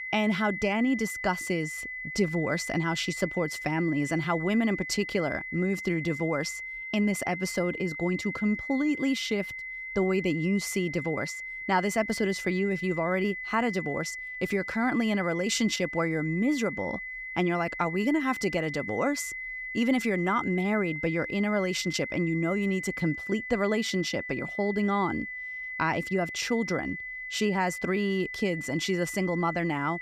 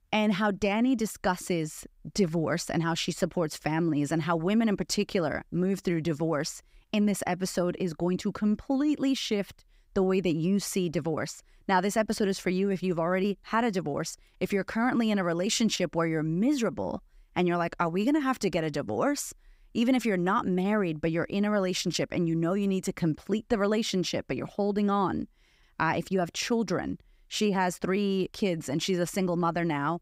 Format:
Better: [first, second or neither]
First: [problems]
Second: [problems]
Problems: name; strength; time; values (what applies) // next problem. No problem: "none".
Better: second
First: high-pitched whine; loud; throughout; 2 kHz, 6 dB below the speech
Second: none